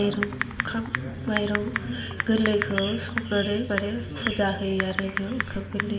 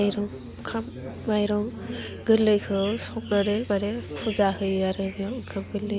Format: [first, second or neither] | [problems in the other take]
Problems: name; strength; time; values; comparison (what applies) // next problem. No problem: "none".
second | background sound (Typing); 7 dB below the speech // room echo; dies away in 1.9 s